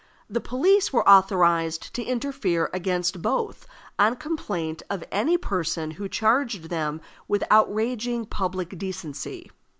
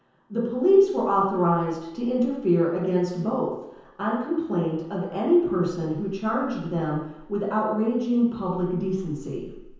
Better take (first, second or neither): first